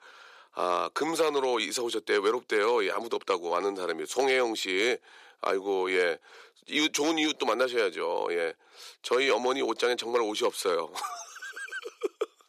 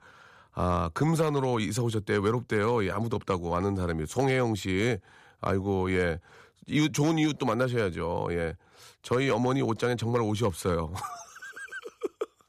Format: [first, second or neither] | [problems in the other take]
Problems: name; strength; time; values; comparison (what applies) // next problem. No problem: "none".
second | thin; somewhat; fading below 350 Hz